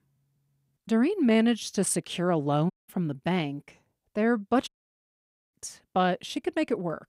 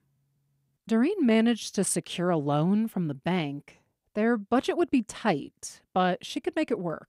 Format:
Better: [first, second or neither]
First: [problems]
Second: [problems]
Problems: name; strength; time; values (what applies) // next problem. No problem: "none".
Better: second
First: audio cutting out; at 2.5 s and at 4.5 s for 1 s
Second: none